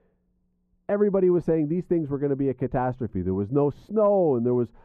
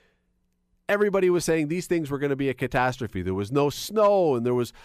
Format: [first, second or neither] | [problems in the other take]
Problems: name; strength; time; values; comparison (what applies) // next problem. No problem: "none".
second | muffled; very; fading above 2 kHz